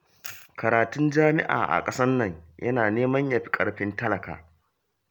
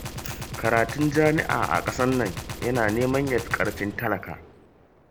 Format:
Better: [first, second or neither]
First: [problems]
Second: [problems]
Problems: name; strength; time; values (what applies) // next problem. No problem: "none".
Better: first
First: none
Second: background sound (Gunshot, gunfire); 10 dB below the speech